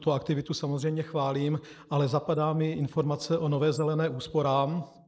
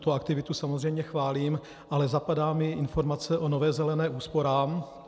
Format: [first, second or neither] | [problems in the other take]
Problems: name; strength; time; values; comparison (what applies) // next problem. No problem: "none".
second | noise reduction (neural mask model Resemble Enhance denoiser)